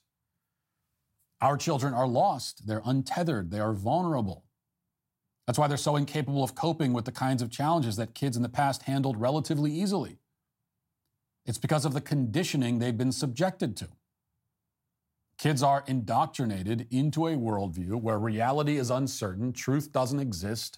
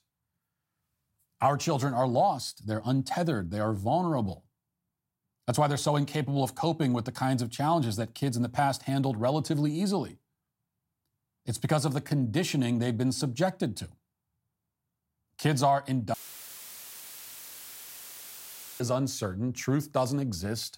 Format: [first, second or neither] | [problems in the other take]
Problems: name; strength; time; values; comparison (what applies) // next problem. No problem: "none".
first | audio cutting out; filled with static; at 16 s for 2.5 s